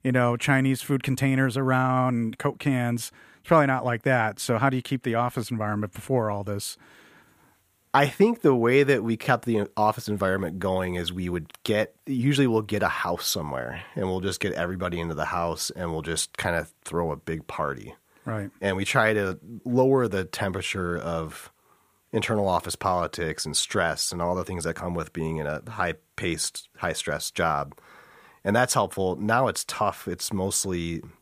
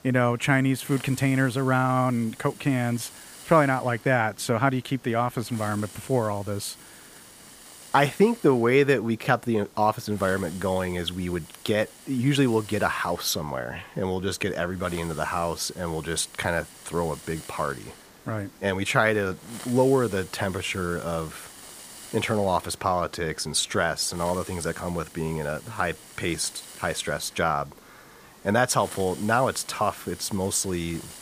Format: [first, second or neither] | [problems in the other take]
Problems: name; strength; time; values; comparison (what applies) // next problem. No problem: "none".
first | hiss; noticeable; throughout; 20 dB below the speech